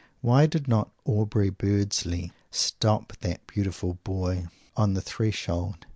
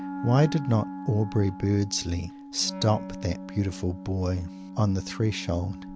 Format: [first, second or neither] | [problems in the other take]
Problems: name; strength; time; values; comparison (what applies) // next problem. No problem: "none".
first | background sound (Wind instrument, woodwind instrument + Wind instrument, woodwind instrument); 11 dB below the speech